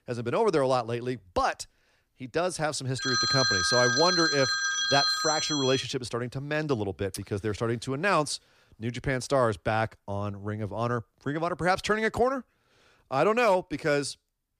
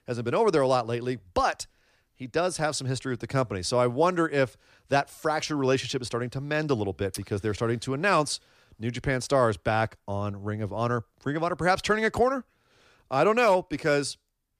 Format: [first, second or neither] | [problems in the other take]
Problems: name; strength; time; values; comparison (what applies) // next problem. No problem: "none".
second | phone ringing; loud; from 3 to 6 s; peak 5 dB above the speech